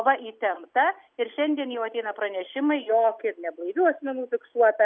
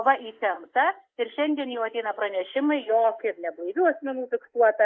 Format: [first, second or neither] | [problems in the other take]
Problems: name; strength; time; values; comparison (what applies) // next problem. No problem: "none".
first | noise reduction (neural mask model Resemble Enhance denoiser)